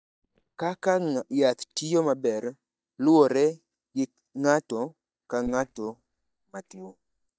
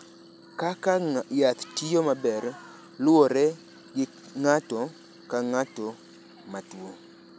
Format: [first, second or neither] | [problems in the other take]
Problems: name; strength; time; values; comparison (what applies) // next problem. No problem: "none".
second | noise reduction (neural mask model DeepFilterNet 3)